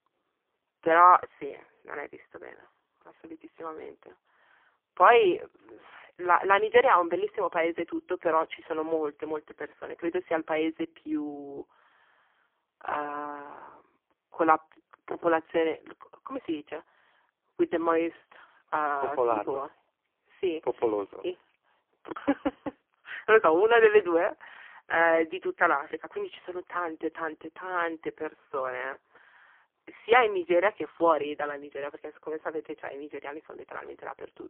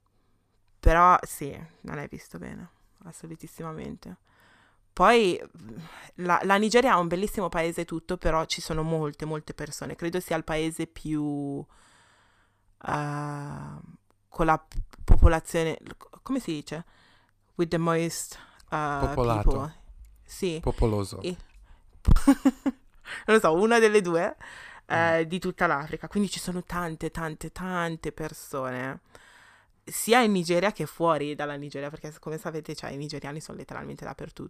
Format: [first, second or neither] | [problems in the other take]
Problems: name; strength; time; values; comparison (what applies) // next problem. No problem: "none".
second | phone-call audio; poor line; nothing above 3 kHz